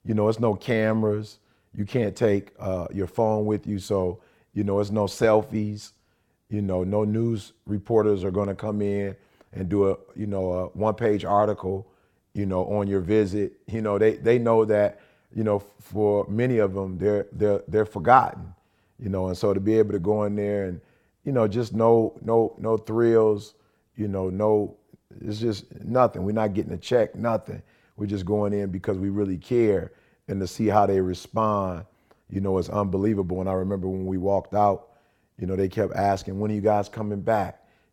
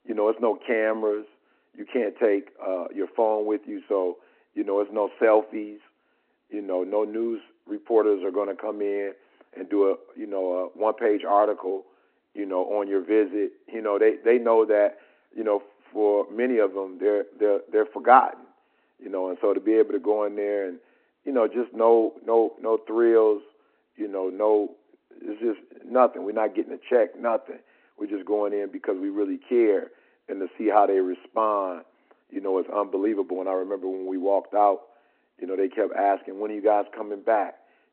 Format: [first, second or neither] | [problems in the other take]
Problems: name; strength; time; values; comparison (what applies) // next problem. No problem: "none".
first | phone-call audio